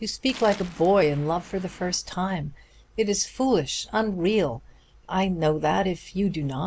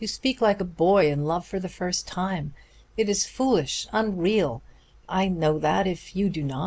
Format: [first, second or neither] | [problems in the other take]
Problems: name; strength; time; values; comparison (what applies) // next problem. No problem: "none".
second | background sound (Waves, surf); 20 dB below the speech